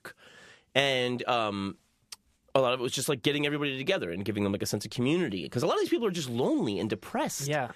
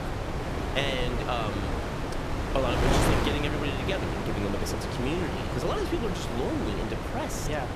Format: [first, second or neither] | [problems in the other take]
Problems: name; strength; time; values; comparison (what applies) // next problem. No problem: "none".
first | wind noise on the microphone; heavy; as loud as the speech